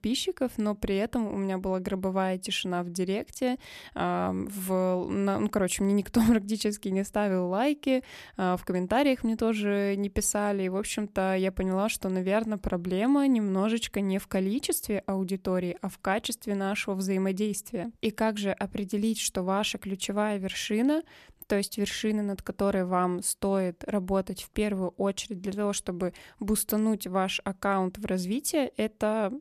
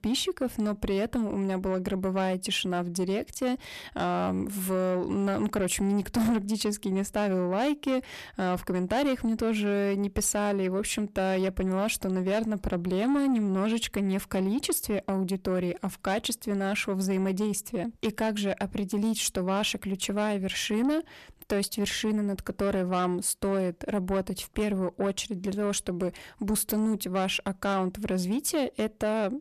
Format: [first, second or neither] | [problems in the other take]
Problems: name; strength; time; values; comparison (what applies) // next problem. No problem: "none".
first | distortion; slight; 10 dB below the speech